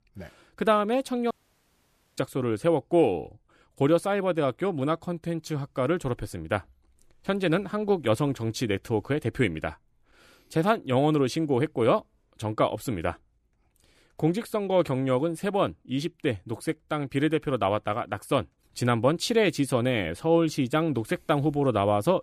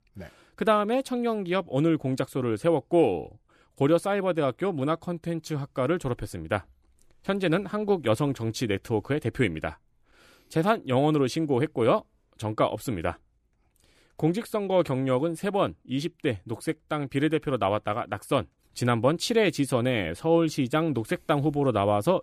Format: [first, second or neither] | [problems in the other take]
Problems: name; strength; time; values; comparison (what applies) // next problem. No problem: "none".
second | audio cutting out; at 1.5 s for 1 s